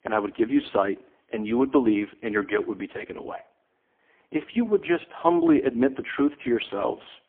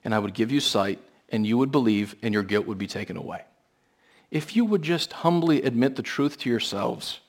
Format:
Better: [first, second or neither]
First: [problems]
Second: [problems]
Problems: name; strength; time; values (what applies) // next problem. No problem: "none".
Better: second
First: phone-call audio; poor line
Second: none